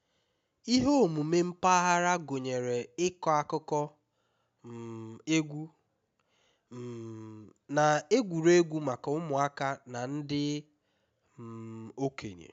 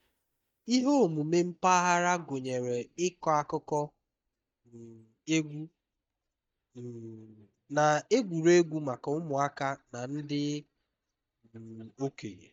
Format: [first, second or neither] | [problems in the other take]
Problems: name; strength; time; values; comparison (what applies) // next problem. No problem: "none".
first | noise reduction (neural mask model DeepFilterNet 3)